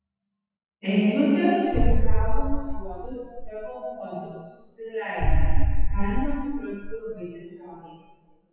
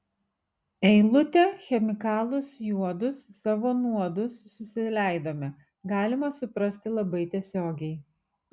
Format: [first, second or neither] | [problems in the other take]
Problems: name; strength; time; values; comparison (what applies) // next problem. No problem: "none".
second | noise reduction (classical method WPE with log-MMSE)